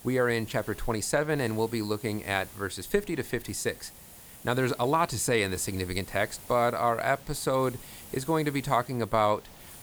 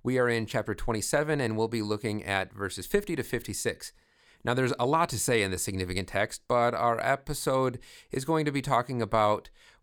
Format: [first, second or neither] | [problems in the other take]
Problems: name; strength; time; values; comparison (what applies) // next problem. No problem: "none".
second | hiss; noticeable; throughout; 20 dB below the speech